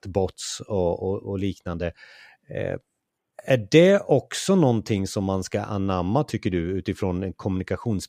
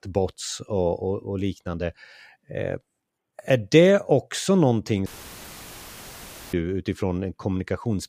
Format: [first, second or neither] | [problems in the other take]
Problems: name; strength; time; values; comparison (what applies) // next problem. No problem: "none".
first | audio cutting out; filled with static; at 5 s for 1.5 s